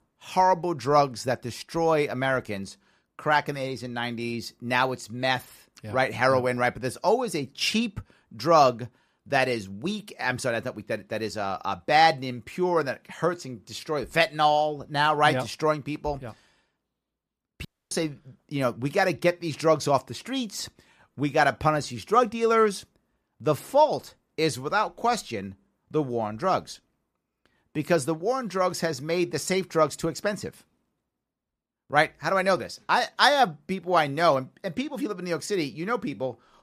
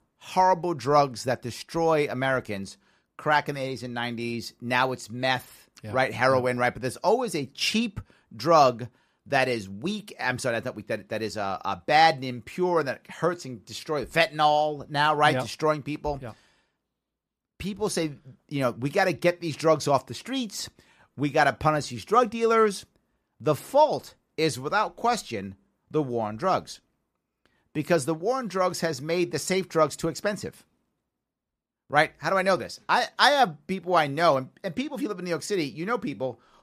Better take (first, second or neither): second